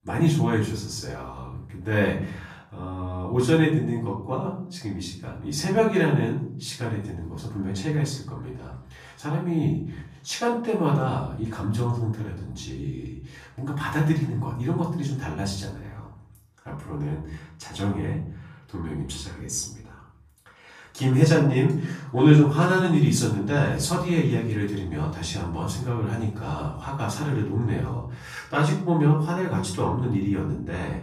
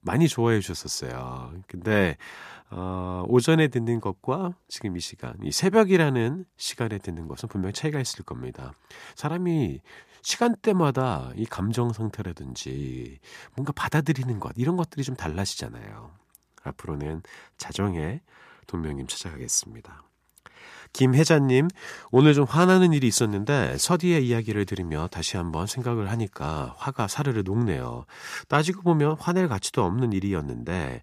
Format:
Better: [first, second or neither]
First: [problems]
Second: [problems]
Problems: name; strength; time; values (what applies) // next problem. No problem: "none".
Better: second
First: room echo; noticeable; dies away in 0.6 s // off-mic speech; far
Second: none